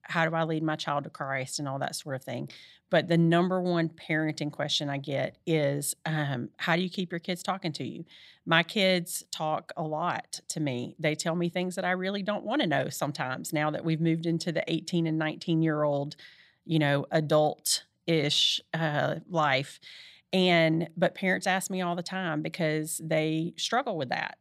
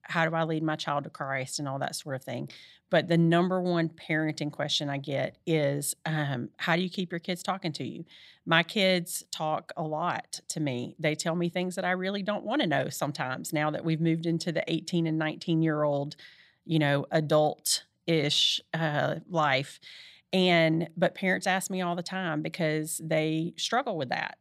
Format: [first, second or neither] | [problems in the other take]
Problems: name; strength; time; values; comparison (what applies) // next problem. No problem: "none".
neither | none